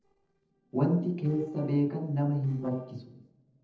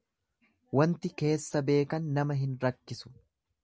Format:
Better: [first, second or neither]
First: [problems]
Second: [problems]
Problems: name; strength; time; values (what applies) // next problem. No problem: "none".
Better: second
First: noise reduction (neural separator model SepFormer DNS4)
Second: none